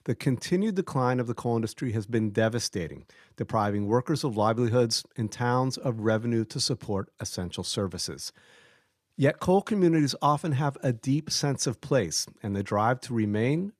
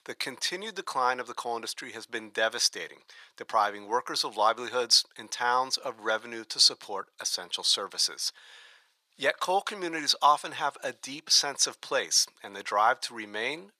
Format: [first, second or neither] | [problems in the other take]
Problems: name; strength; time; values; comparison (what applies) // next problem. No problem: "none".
first | thin; very; fading below 900 Hz